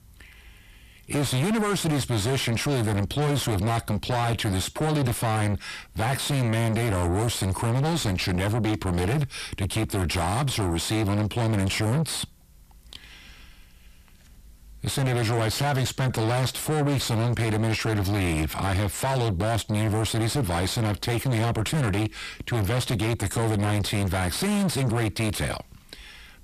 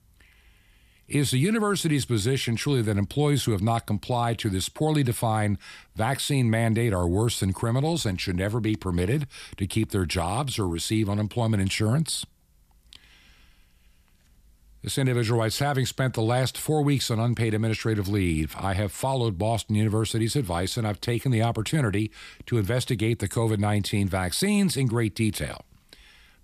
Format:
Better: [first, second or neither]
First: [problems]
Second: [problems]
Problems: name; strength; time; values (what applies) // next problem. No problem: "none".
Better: second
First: distortion; heavy; 6 dB below the speech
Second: none